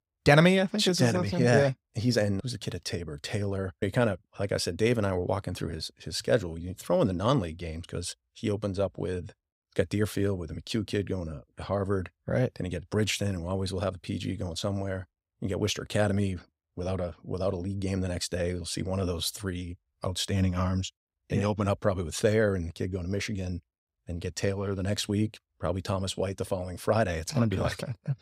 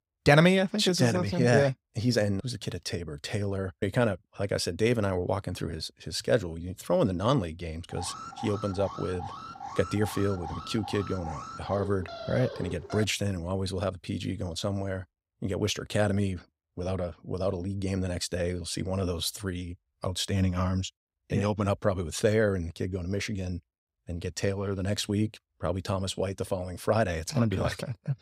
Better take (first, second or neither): first